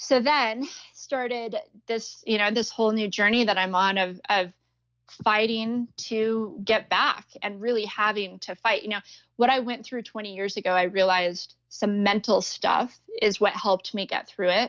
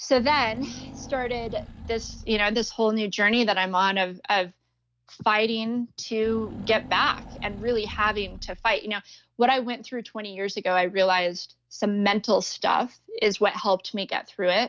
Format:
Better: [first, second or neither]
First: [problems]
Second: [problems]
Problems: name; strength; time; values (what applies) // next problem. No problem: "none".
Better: first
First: none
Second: background sound (Engine / Car); 14 dB below the speech